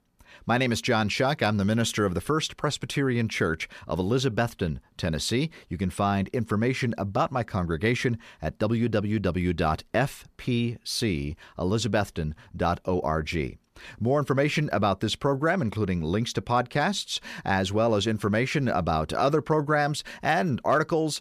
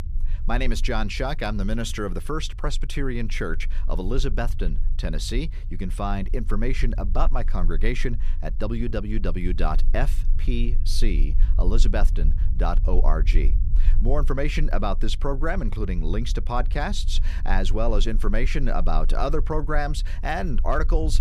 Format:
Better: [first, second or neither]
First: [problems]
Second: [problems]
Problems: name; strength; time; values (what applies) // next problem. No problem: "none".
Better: first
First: none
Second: low rumble; faint; throughout; 20 dB below the speech